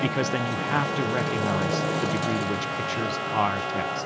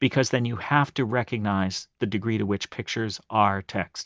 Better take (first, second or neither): second